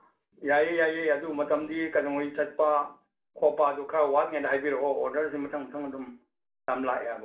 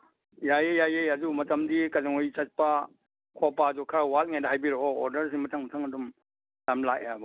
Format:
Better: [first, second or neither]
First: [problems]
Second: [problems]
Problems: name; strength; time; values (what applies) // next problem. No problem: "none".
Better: second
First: room echo; dies away in 0.3 s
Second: none